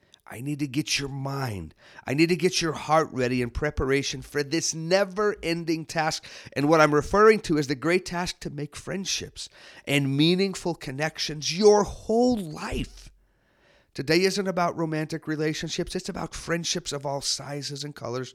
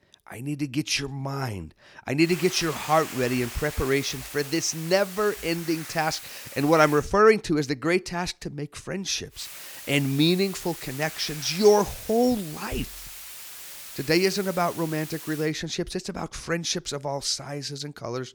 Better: first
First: none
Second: hiss; noticeable; from 2.5 to 7 s and from 9.5 to 15 s; 10 dB below the speech

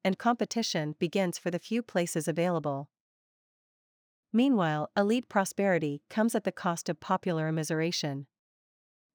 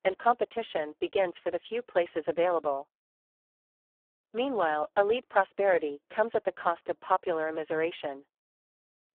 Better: first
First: none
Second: phone-call audio; poor line

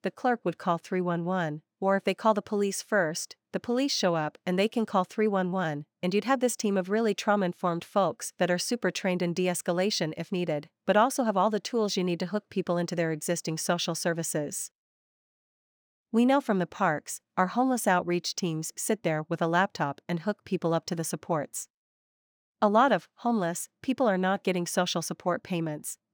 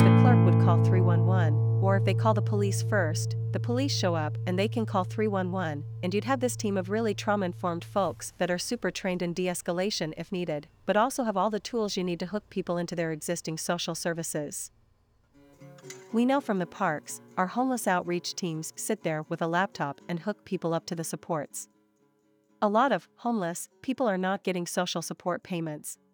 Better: first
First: none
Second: background music; very loud; throughout; 2 dB above the speech

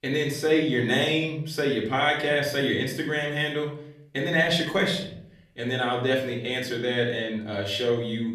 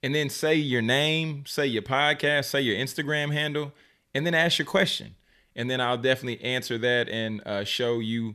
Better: second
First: room echo; slight; dies away in 0.5 s // off-mic speech; far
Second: none

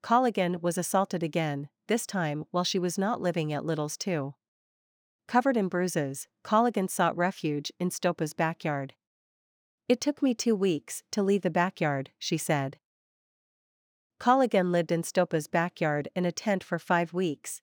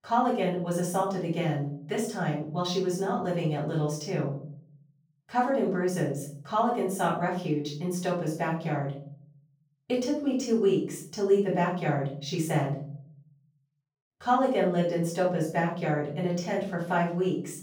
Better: first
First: none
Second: room echo; noticeable; dies away in 0.7 s // off-mic speech; far

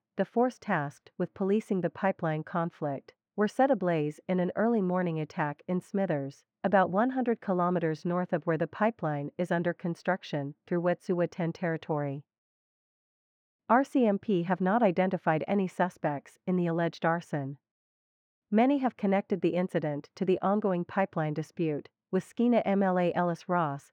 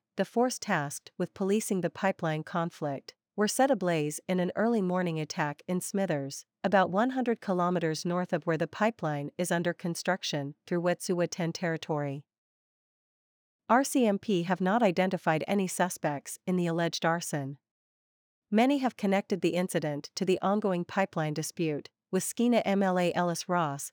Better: second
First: muffled; very; fading above 4 kHz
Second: none

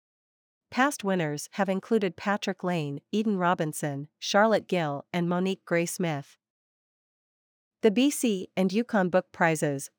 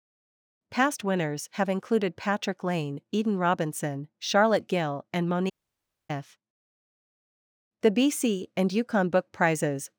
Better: first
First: none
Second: audio cutting out; at 5.5 s for 0.5 s

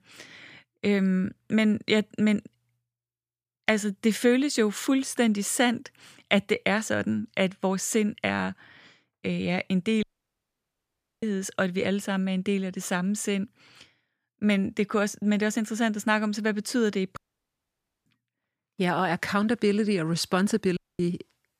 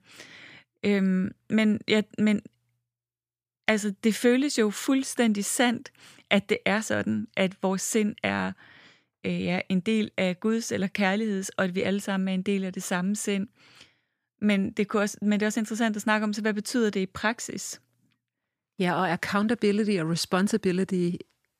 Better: second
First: audio cutting out; at 10 s for 1 s, at 17 s for 1 s and at 21 s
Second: none

